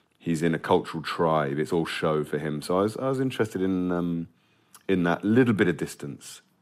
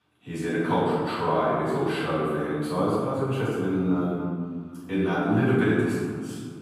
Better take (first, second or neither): first